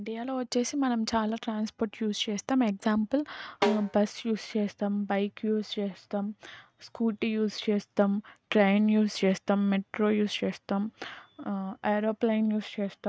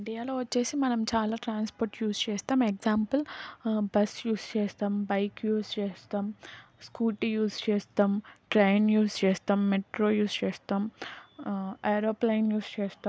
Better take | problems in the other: second | noise reduction (neural mask model RNNoise)

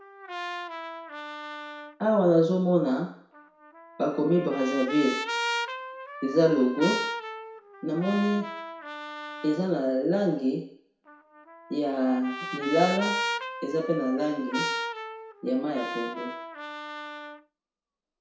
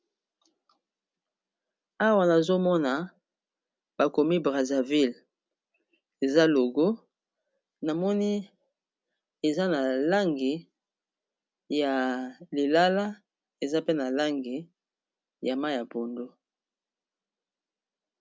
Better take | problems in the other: second | background sound (Trumpet); 8 dB below the speech // room echo; dies away in 0.6 s

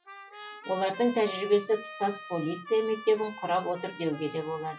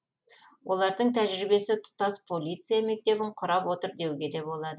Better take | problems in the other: second | noise reduction (classical method WPE with log-MMSE)

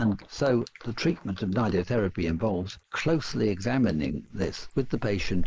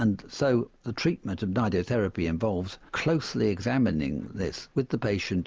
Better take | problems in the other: second | noise reduction (neural mask model Resemble Enhance denoiser)

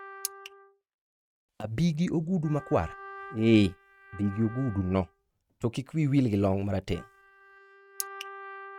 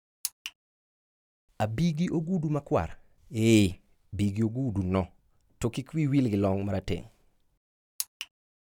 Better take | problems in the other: second | noise reduction (neural mask model RNNoise)

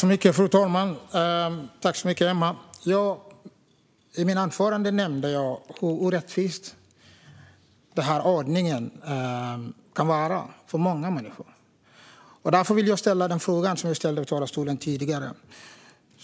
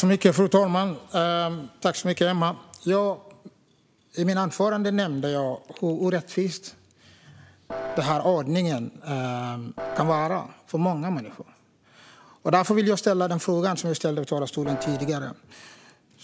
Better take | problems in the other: first | background sound (Piano); 7 dB below the speech

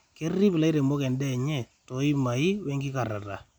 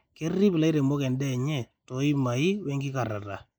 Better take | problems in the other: first | noise reduction (neural mask model Resemble Enhance denoiser)

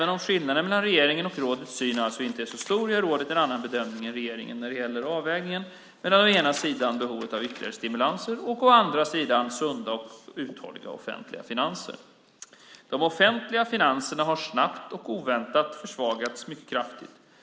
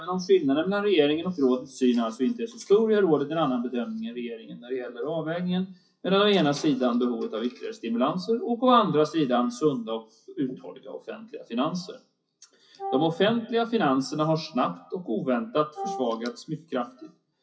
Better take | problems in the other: first | noise reduction (classical method WPE with log-MMSE)

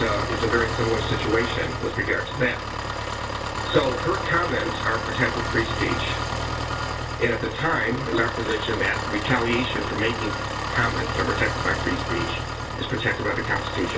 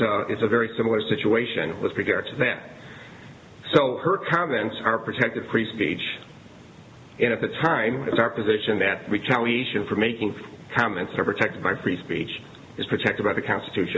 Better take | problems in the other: second | background sound (Engine); 2 dB below the speech // room echo; dies away in 0.2 s

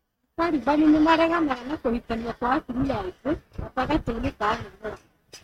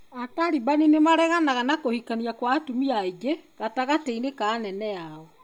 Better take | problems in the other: second | noise reduction (neural mask model RNNoise)

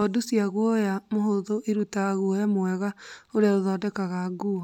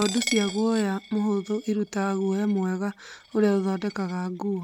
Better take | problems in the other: first | background sound (Coin (dropping)); 13 dB below the speech

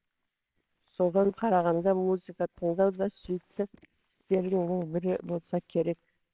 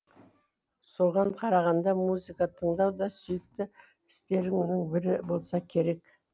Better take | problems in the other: second | noise reduction (neural separator model SepFormer WHAMR!)

